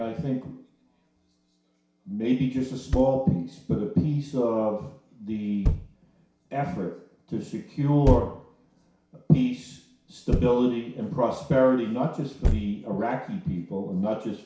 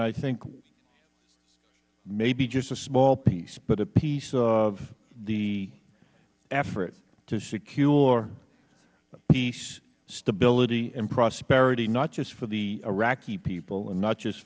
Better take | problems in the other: second | background sound (Thump, thud); 7 dB below the speech // room echo; dies away in 0.6 s

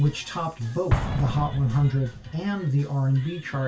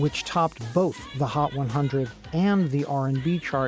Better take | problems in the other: second | background sound (Explosion); 8 dB below the speech // room echo; dies away in 0.2 s

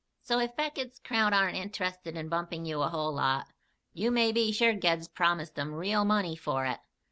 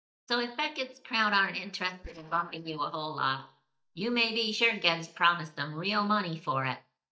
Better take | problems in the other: first | noise reduction (neural mask model DeepFilterNet 3)

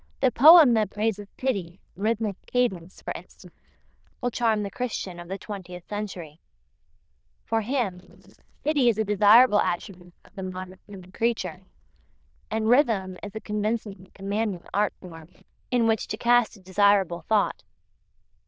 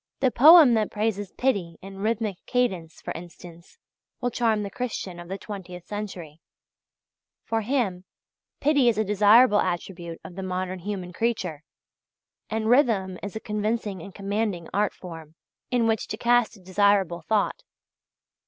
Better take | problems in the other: second | noise reduction (neural diffusion model UNIVERSE++)

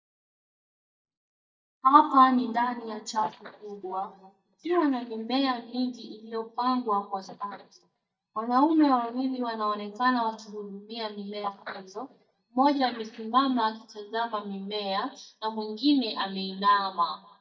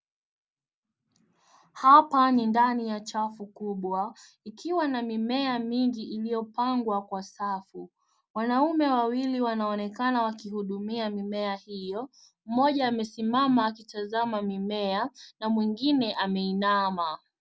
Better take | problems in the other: second | noise reduction (neural mask model DeepFilterNet 3)

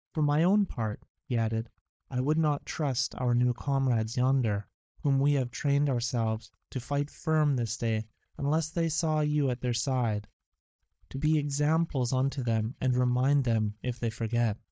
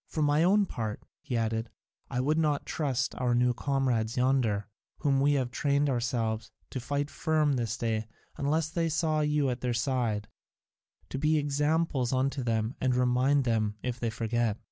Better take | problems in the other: second | noise reduction (neural mask model DeepFilterNet 3)

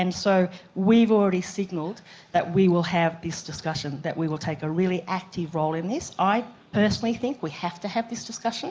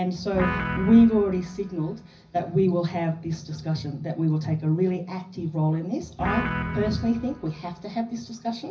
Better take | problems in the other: first | background sound (Guitar); 8 dB below the speech // room echo; dies away in 0.4 s

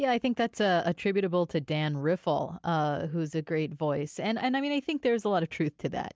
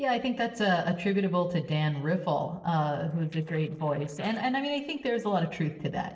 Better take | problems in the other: first | noise reduction (neural separator model SepFormer DNS4)

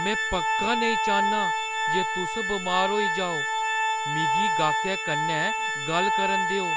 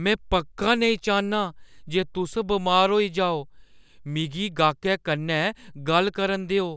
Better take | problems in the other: second | background sound (Organ); 4 dB above the speech

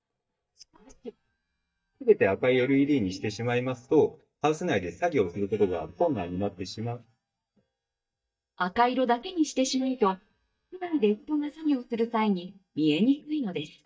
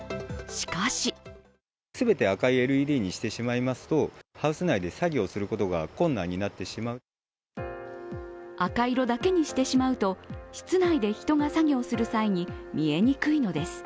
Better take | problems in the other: second | noise reduction (neural mask model DeepFilterNet 3)

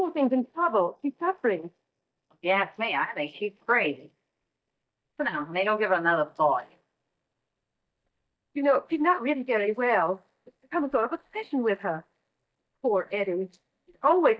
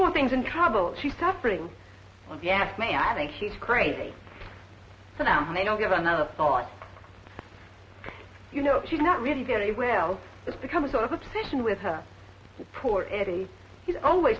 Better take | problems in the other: second | noise reduction (neural mask model DeepFilterNet 3)

